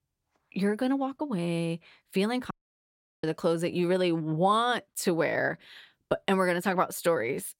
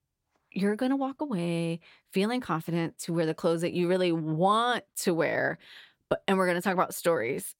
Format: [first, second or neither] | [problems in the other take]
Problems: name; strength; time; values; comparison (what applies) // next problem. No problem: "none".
second | audio cutting out; at 2.5 s for 0.5 s